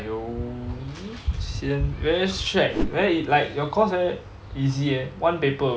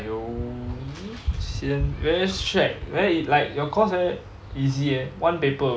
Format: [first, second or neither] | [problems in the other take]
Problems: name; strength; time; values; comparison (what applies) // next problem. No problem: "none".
second | background sound (Whoosh, swoosh, swish); 13 dB below the speech